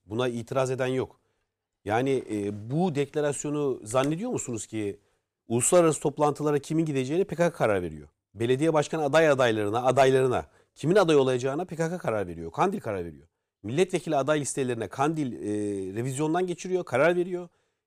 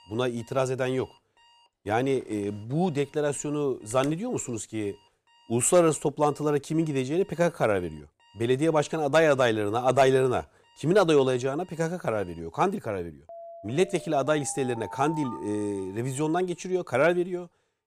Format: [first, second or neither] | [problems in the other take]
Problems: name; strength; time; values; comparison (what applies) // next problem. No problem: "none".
first | alarms or sirens; faint; throughout; 20 dB below the speech